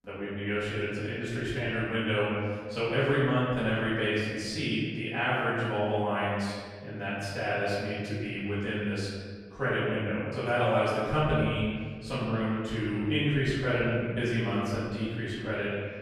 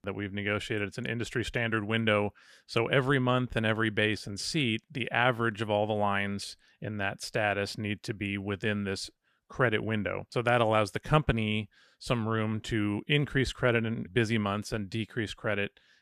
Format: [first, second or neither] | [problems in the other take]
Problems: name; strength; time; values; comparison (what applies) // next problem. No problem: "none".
second | off-mic speech; far // room echo; strong; dies away in 1.5 s